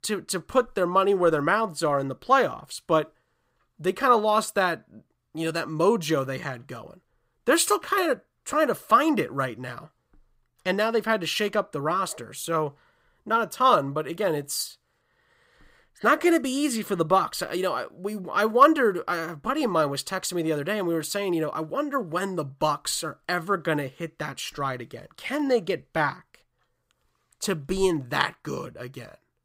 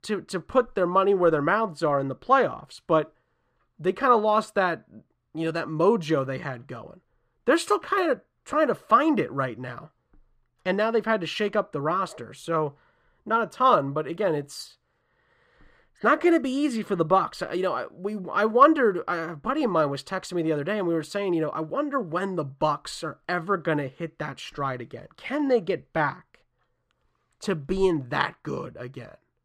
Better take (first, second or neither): first